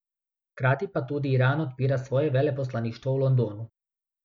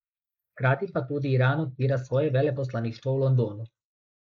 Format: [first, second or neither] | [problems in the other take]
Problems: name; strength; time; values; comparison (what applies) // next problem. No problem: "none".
first | noise reduction (neural mask model Resemble Enhance denoiser)